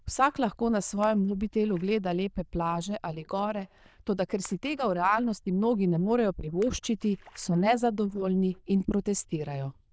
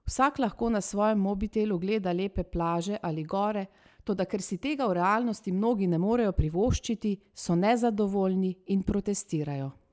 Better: second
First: noise reduction (neural diffusion model UNIVERSE++)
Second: none

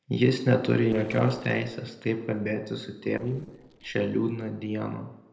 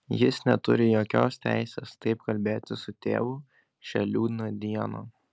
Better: second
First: noise reduction (neural separator model SepFormer DNS4)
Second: none

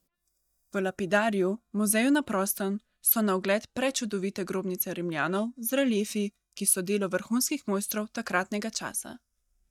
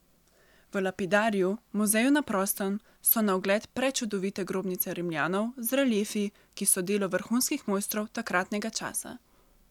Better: second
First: noise reduction (neural mask model DeepFilterNet 3)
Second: none

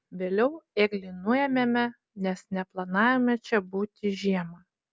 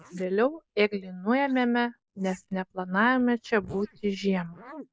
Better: first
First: none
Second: noise reduction (neural mask model Resemble Enhance denoiser)

